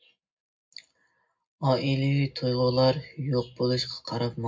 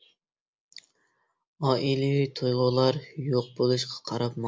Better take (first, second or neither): second